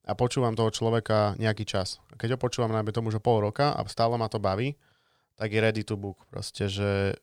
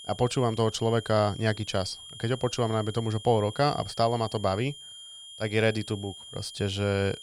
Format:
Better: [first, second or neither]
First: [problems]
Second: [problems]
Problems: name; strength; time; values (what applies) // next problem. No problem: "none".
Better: first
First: none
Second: high-pitched whine; noticeable; throughout; 3 kHz, 15 dB below the speech